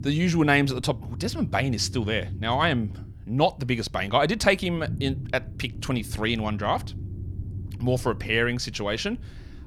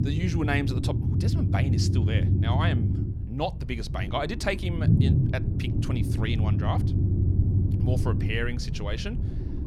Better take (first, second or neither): first